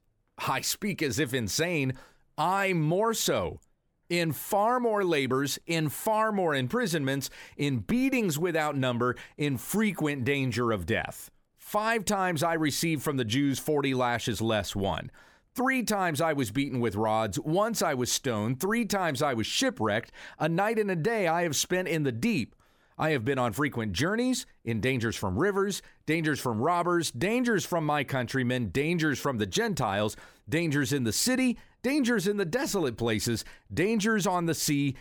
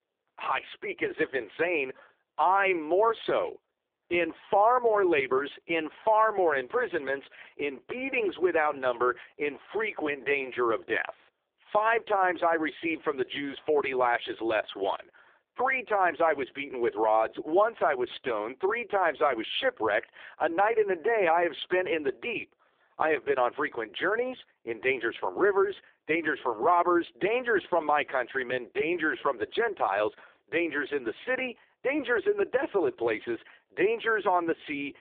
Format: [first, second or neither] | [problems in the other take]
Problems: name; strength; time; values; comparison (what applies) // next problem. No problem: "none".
first | phone-call audio; poor line